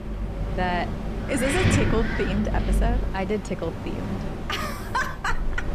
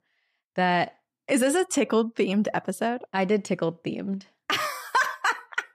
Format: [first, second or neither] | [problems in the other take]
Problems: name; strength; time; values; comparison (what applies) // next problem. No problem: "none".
second | wind in the background; very loud; throughout; 1 dB above the speech